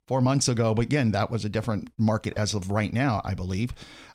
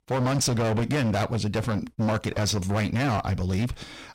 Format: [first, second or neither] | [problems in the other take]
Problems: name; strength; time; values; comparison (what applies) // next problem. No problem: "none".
first | distortion; heavy; 25% of the sound clipped